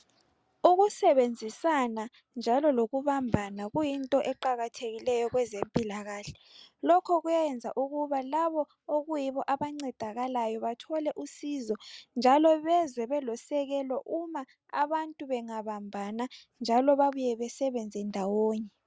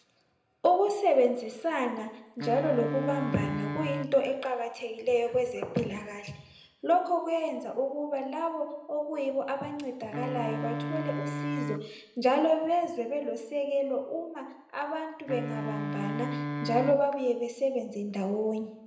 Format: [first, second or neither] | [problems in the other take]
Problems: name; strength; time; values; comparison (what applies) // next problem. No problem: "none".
first | background sound (Wind instrument, woodwind instrument); 6 dB below the speech // room echo; dies away in 0.8 s